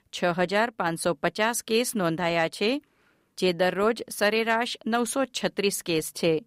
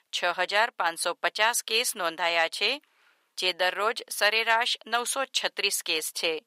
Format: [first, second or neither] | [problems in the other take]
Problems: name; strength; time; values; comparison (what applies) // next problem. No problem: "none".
first | thin; very; fading below 750 Hz